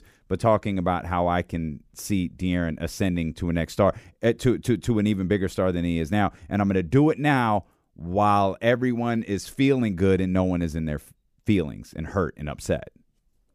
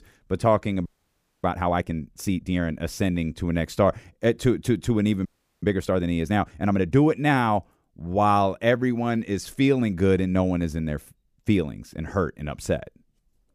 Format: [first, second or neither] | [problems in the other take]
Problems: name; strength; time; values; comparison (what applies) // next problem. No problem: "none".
first | audio freezing; at 1 s for 0.5 s and at 5.5 s